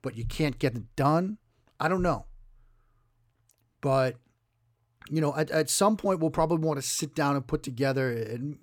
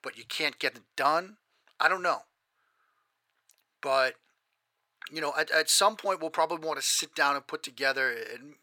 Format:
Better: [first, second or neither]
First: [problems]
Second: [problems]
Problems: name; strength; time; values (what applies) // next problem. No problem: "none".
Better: first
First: none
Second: thin; very; fading below 650 Hz